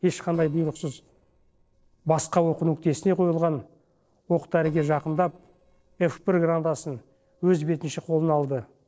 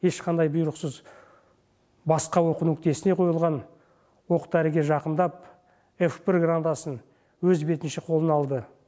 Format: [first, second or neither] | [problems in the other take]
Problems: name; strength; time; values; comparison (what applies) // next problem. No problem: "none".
second | noise reduction (neural separator model SepFormer DNS4)